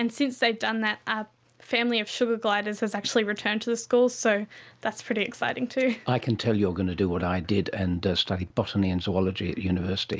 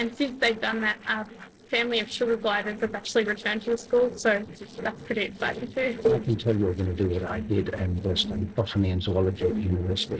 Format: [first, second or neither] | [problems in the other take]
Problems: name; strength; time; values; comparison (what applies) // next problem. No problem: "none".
first | noise reduction (neural separator model SepFormer DNS4)